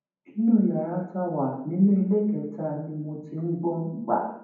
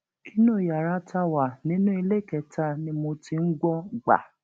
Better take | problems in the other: second | room echo; dies away in 1.2 s

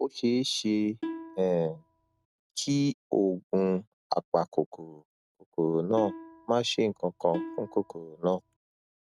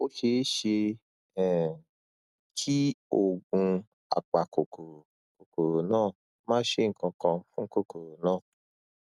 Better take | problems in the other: second | background sound (Plucked string instrument); 11 dB below the speech

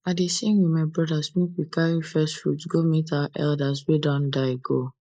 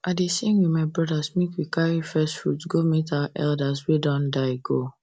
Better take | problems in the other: second | noise reduction (neural mask model Resemble Enhance denoiser)

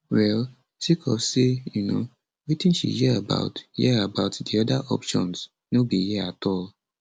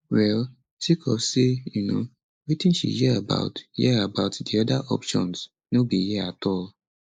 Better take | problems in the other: first | noise reduction (neural mask model Resemble Enhance denoiser)

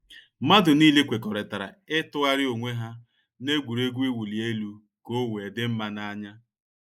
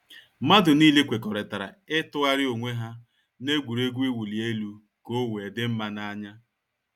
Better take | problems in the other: second | noise reduction (neural mask model Resemble Enhance denoiser)

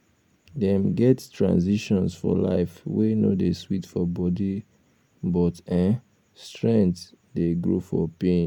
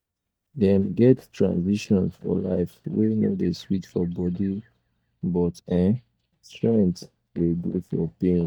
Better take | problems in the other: first | noise reduction (neural mask model DeepFilterNet 3)

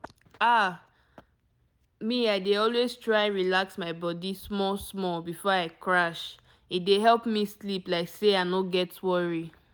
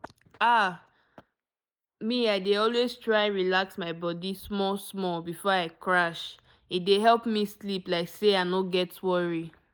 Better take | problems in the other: first | noise reduction (neural mask model Resemble Enhance denoiser)

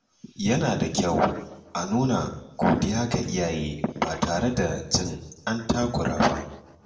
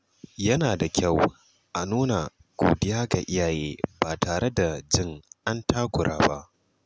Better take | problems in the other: second | room echo; dies away in 0.6 s

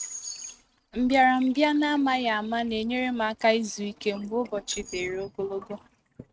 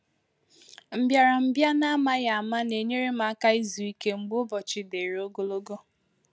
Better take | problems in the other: second | noise reduction (neural mask model RNNoise)

